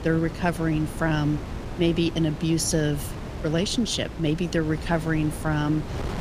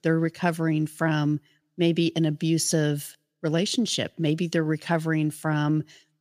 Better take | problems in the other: second | wind noise on the microphone; occasional gusts; 10 dB below the speech

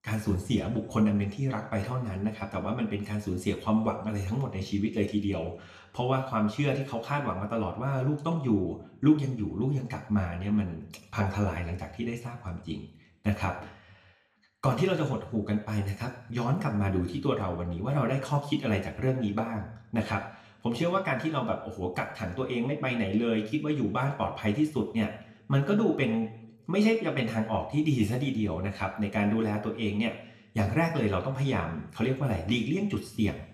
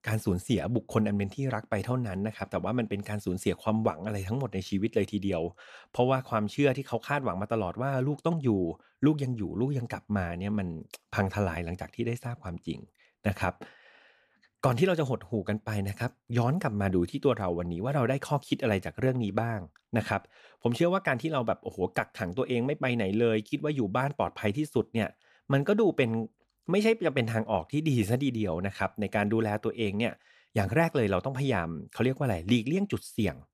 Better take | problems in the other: second | room echo; slight; dies away in 0.7 s

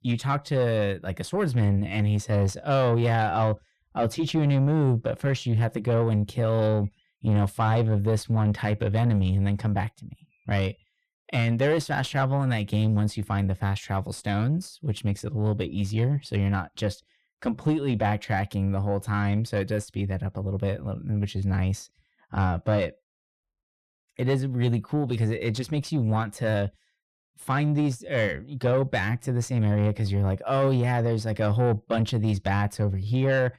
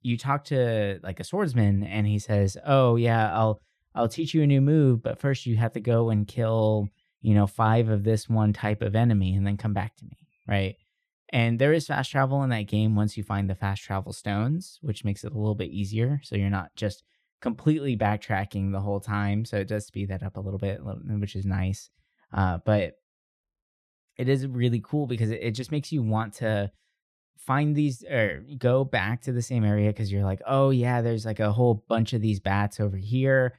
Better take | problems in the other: second | distortion; slight; 10 dB below the speech

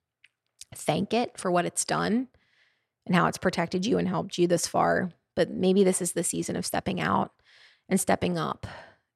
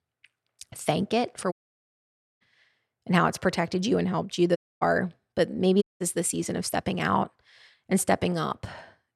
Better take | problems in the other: first | audio cutting out; at 1.5 s for 1 s, at 4.5 s and at 6 s

